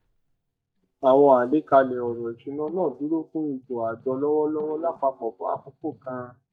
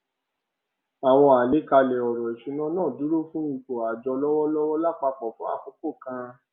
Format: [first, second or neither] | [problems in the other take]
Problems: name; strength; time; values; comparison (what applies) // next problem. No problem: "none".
second | noise reduction (neural mask model DeepFilterNet 3)